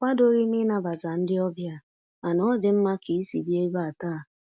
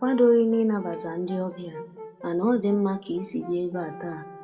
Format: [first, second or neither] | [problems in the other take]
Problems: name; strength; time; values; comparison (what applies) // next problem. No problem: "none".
first | background sound (Brass instrument); 16 dB below the speech // room echo; dies away in 1.1 s